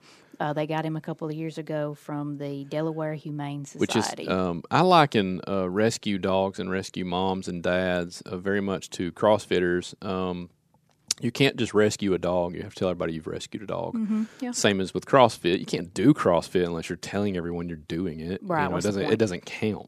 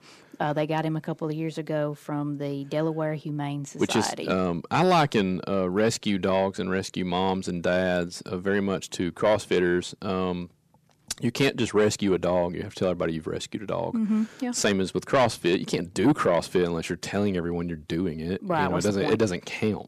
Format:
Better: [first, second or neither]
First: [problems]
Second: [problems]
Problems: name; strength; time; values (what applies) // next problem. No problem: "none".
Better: first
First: none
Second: distortion; slight; 10 dB below the speech